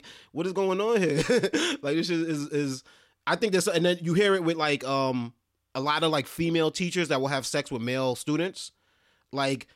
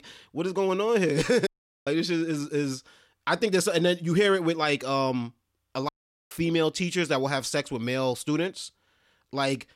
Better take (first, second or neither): first